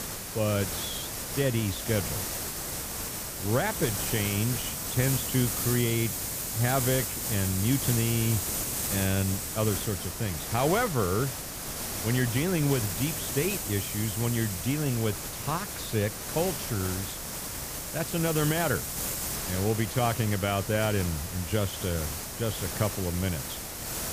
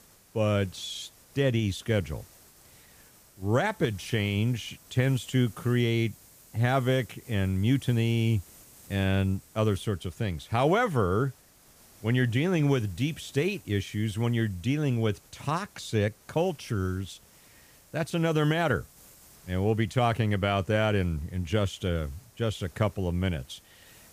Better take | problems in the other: second | hiss; loud; throughout; 2 dB below the speech; faint in the second

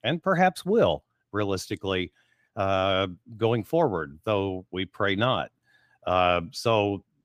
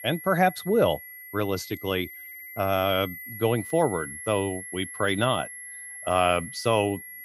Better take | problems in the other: first | high-pitched whine; noticeable; throughout; 2 kHz, 10 dB below the speech

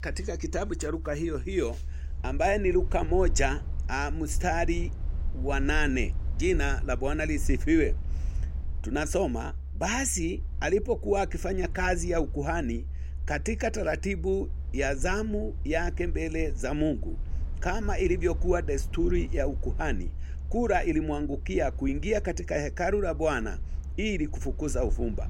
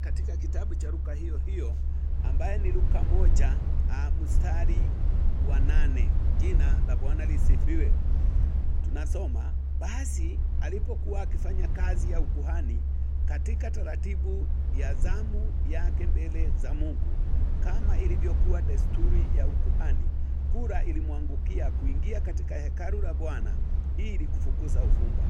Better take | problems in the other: first | low rumble; loud; throughout; 4 dB below the speech; faint in the first

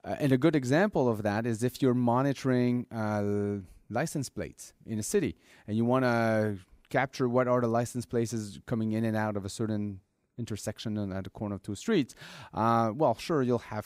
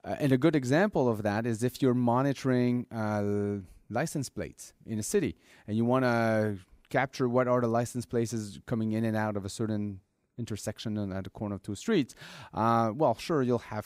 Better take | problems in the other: neither | none

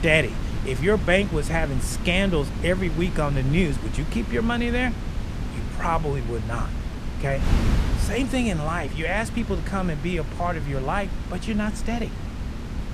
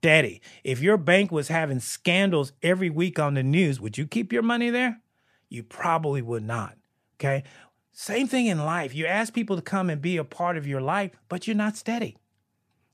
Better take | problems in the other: second | wind noise on the microphone; occasional gusts; 10 dB below the speech

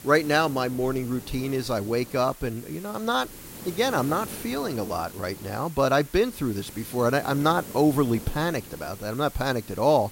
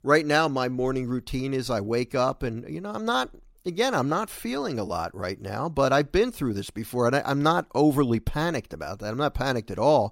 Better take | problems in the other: second | hiss; noticeable; throughout; 15 dB below the speech

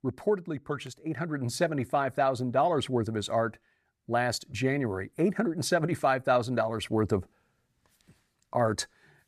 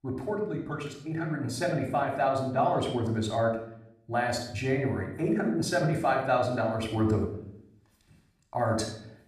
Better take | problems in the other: first | off-mic speech; somewhat distant // room echo; noticeable; dies away in 0.6 s

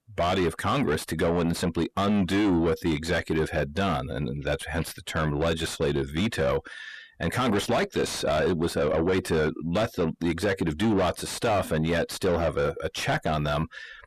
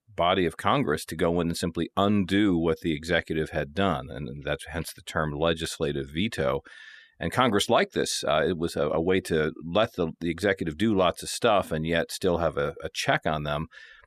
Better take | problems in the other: second | distortion; heavy; 6 dB below the speech

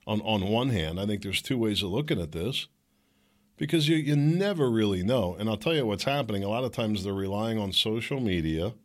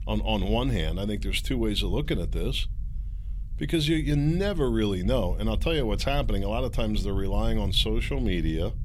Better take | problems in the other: first | low rumble; faint; throughout; 25 dB below the speech

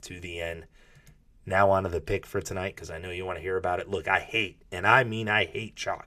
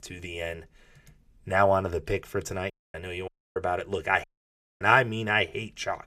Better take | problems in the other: first | audio cutting out; at 2.5 s, at 3.5 s and at 4 s for 0.5 s

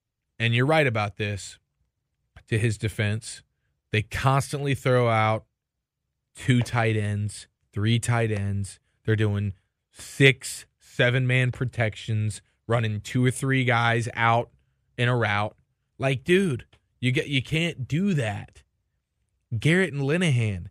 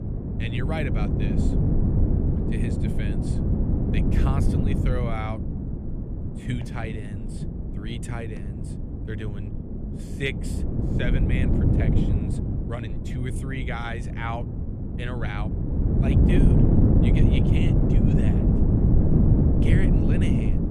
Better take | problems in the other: first | wind noise on the microphone; heavy; 2 dB above the speech

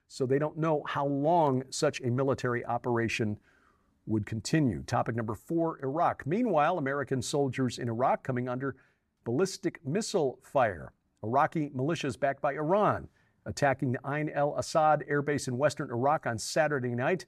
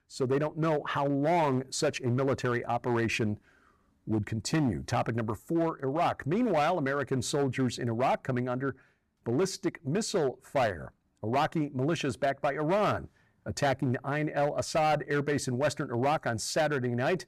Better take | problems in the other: first | distortion; slight; 8% of the sound clipped

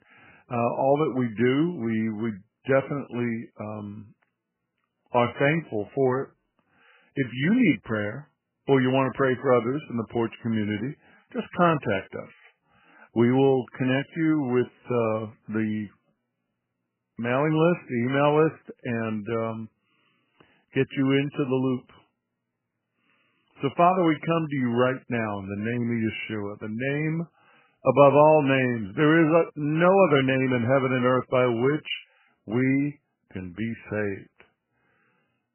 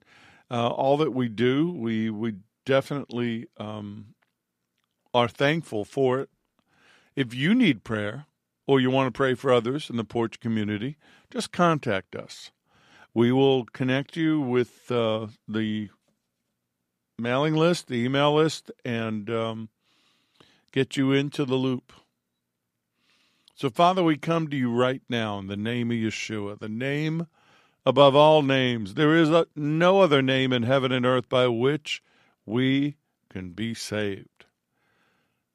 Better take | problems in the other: second | garbled, watery; badly; nothing above 3 kHz

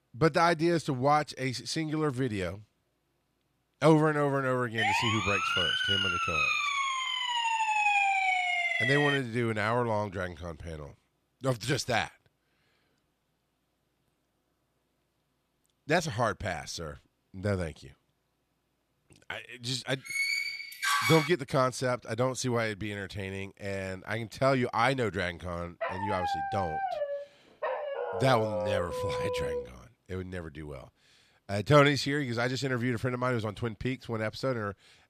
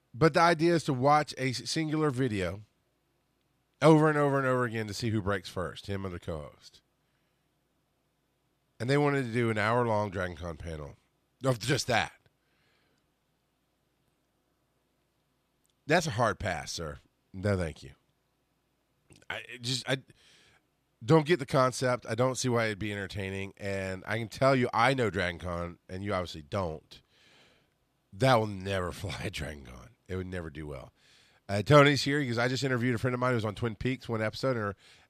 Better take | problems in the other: second | siren; loud; from 5 to 9 s; peak 6 dB above the speech // door banging; loud; from 20 to 21 s; peak 4 dB above the speech // dog barking; noticeable; from 26 to 30 s; peak 2 dB below the speech

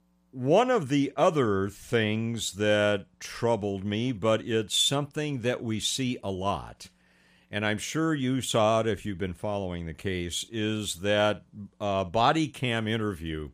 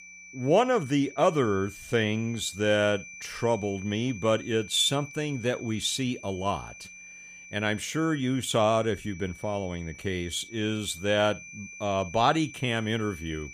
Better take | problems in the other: first | high-pitched whine; noticeable; throughout; 2.5 kHz, 15 dB below the speech

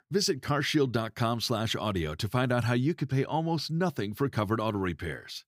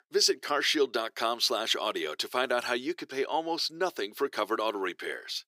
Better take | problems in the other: first | thin; very; fading below 400 Hz

